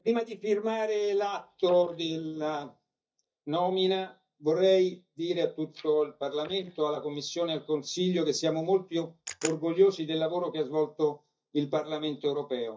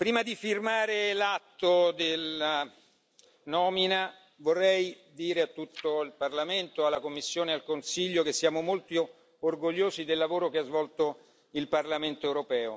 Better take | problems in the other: second | noise reduction (neural mask model DeepFilterNet 3)

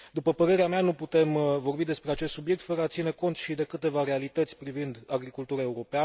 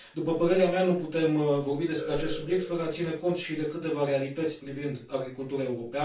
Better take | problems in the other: first | background sound (Alarm); 13 dB below the speech // room echo; dies away in 0.2 s

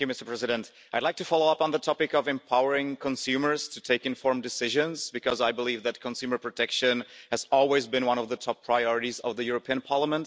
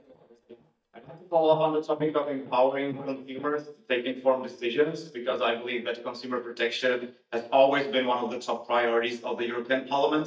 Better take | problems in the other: first | noise reduction (neural mask model DeepFilterNet 3)

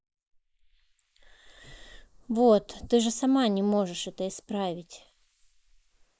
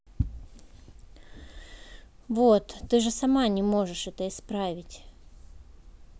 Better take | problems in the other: second | noise reduction (neural mask model Resemble Enhance denoiser)

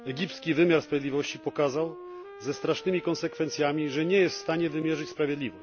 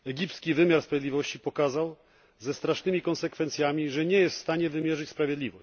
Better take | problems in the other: second | background sound (Wind instrument, woodwind instrument); 17 dB below the speech

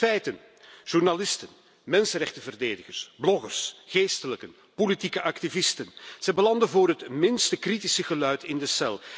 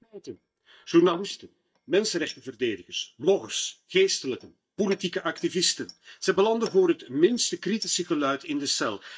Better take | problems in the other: first | noise reduction (neural mask model DeepFilterNet 3)

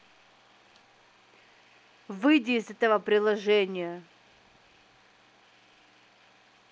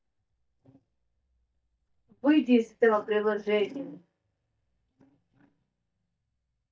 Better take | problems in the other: first | noise reduction (neural mask model DeepFilterNet 3)

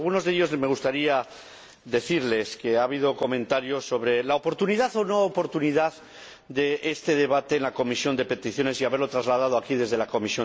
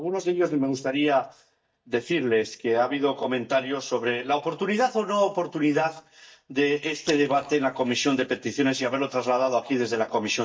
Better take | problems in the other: first | noise reduction (neural mask model DeepFilterNet 3)

